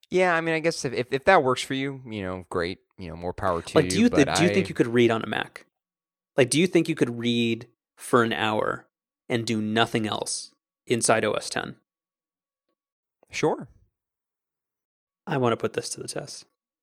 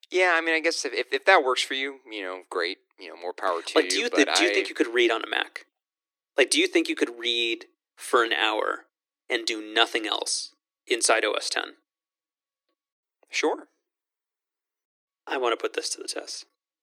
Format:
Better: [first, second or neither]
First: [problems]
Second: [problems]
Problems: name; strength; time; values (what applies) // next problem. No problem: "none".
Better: first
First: none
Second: thin; somewhat; fading below 300 Hz